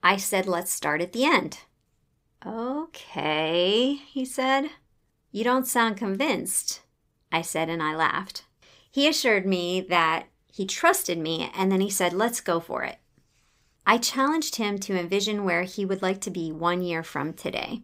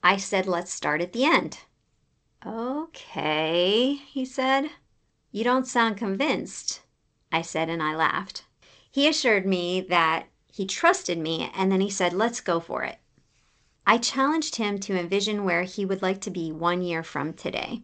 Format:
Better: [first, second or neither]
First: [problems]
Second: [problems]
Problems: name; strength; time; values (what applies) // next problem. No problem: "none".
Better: first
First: none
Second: garbled, watery; slightly; nothing above 8 kHz